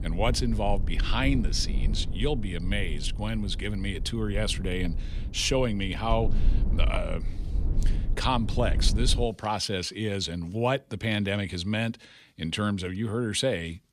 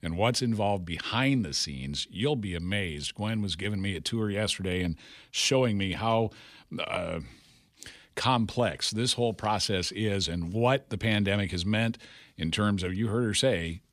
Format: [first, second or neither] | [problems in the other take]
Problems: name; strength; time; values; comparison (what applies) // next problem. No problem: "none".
second | low rumble; noticeable; until 9 s; 15 dB below the speech